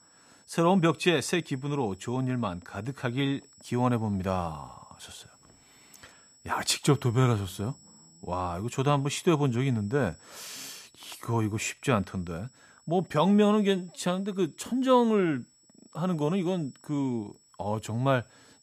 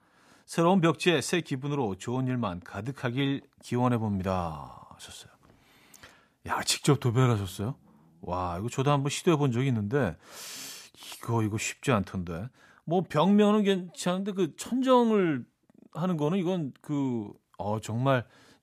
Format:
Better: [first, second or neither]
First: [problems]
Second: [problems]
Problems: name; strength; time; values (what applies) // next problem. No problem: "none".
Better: second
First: high-pitched whine; faint; throughout; 7.5 kHz, 30 dB below the speech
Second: none